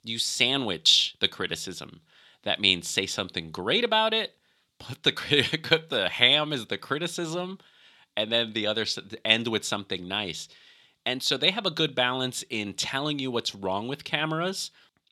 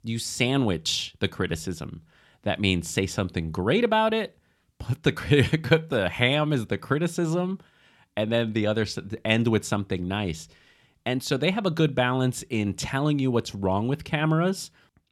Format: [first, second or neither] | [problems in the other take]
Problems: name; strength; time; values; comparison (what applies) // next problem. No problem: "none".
second | thin; very slightly; fading below 850 Hz